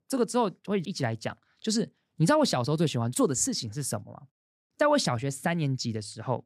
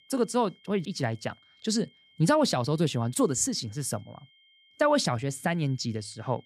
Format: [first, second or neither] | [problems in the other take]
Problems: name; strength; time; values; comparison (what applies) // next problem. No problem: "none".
first | high-pitched whine; faint; throughout; 3 kHz, 30 dB below the speech